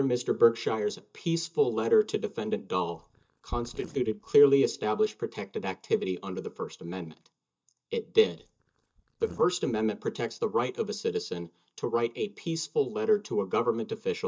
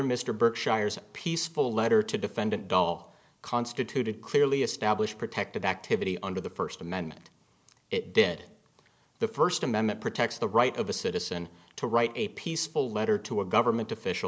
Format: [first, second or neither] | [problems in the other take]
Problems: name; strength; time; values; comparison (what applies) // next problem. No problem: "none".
second | noise reduction (neural mask model DeepFilterNet 3)